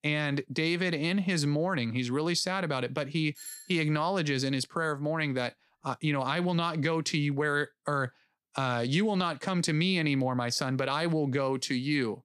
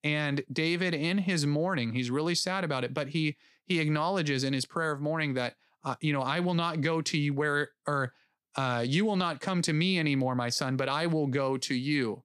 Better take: second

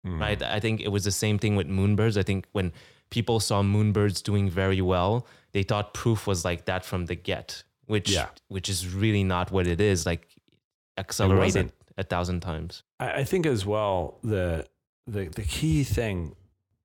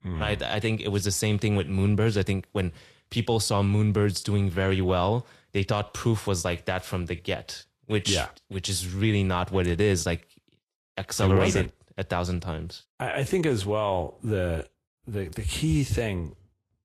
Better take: first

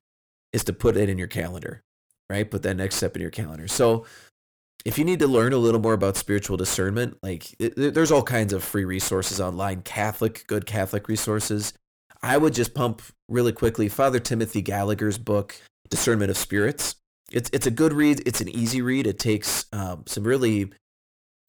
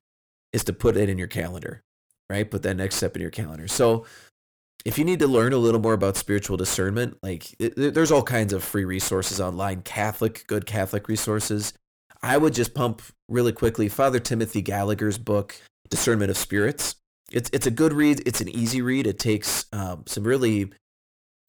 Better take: neither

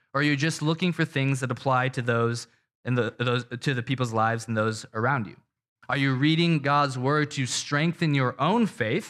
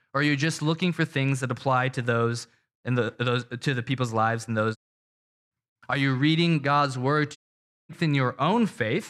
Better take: first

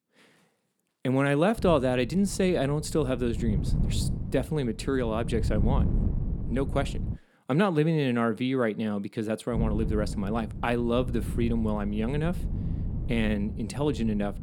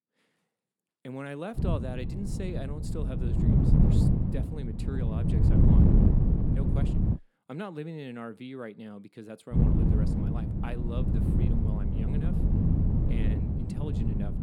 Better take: first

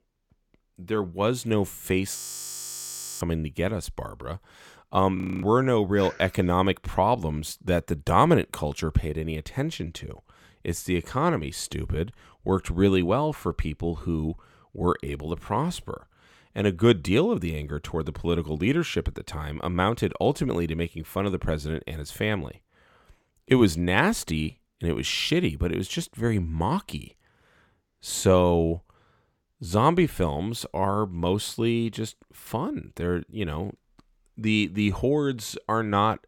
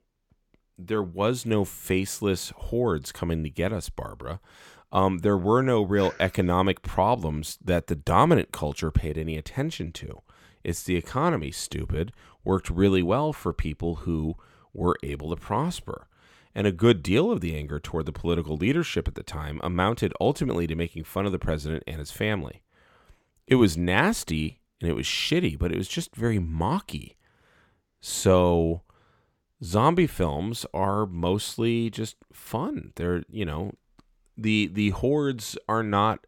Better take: second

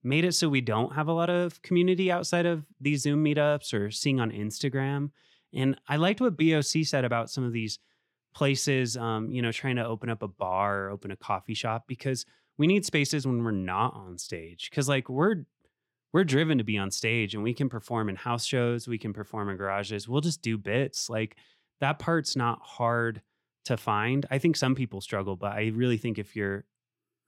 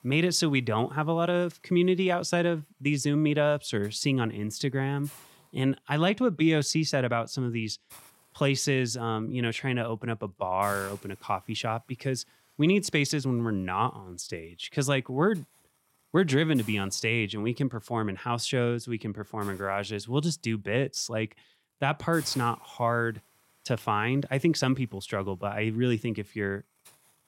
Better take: first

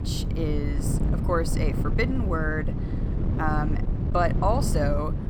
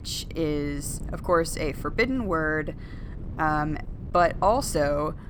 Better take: second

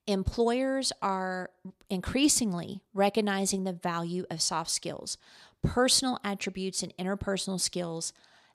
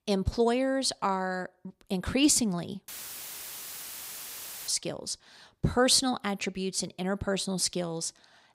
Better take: first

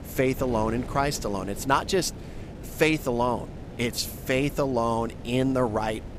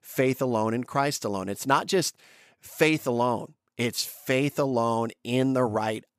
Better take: second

